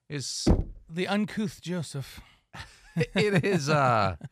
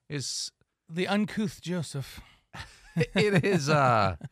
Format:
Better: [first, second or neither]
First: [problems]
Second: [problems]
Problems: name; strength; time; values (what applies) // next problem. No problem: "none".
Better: second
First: door banging; loud; at 0.5 s; peak 1 dB above the speech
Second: none